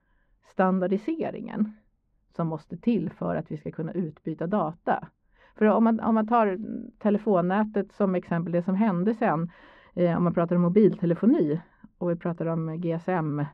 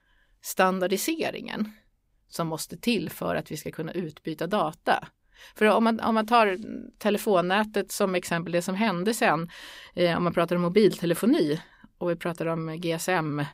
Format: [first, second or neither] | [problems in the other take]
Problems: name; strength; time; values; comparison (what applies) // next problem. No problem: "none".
second | muffled; very; fading above 1 kHz